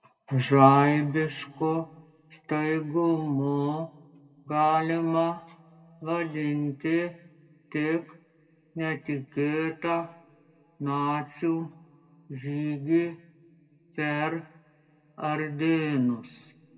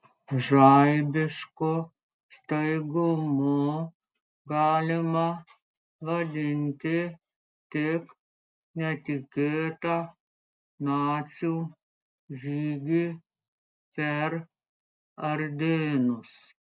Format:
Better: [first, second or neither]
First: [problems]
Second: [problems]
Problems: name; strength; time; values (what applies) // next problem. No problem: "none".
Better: second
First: room echo; dies away in 2 s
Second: none